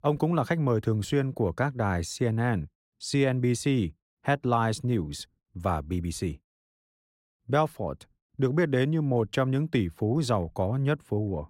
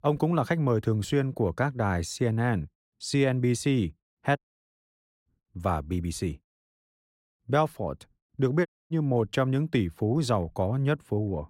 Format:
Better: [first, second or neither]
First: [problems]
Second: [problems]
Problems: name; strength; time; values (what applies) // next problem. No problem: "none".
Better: first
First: none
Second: audio cutting out; at 4.5 s for 1 s and at 8.5 s